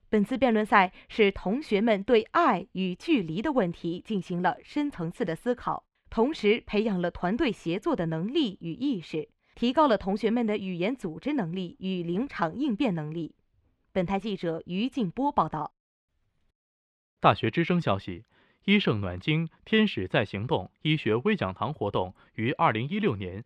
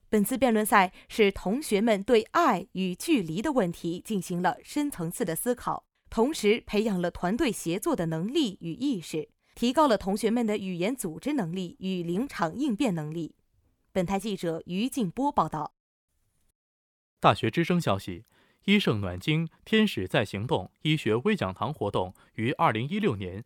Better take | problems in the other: second | muffled; very slightly; fading above 3 kHz

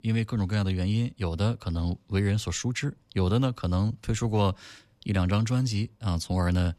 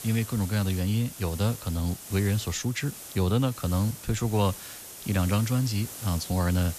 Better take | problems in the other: first | hiss; noticeable; throughout; 10 dB below the speech

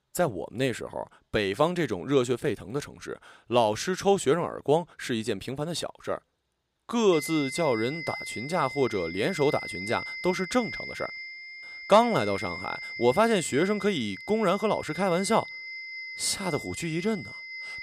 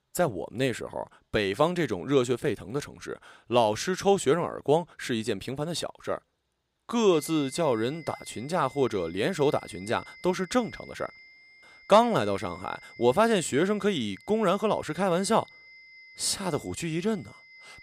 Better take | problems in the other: second | high-pitched whine; loud; from 7 s on; 2 kHz, 9 dB below the speech; faint in the second

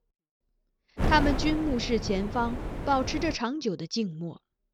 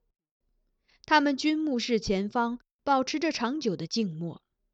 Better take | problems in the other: second | wind noise on the microphone; heavy; from 1 to 3.5 s; 9 dB below the speech

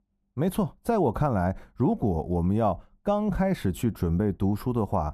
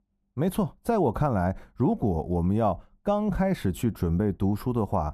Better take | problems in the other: neither | muffled; slightly; fading above 1.5 kHz; the same in both

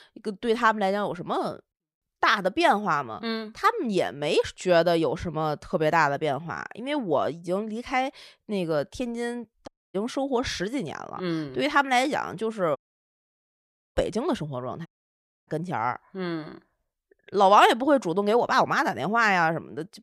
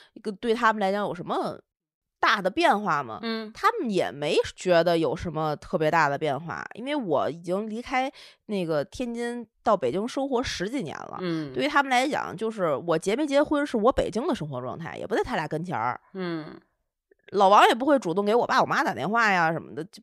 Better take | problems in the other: second | audio cutting out; at 9.5 s, at 13 s for 1 s and at 15 s for 0.5 s

